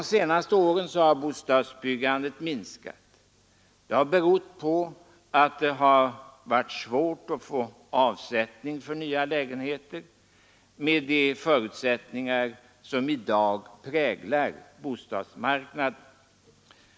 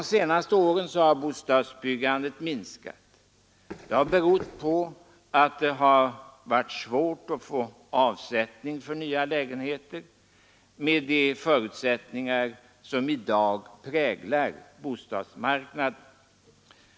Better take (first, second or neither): first